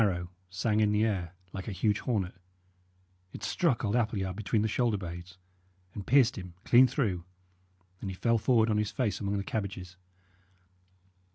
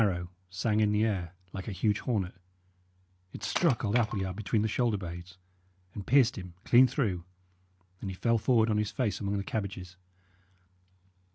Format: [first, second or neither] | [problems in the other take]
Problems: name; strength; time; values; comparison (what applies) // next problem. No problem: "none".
first | background sound (Wood); 11 dB below the speech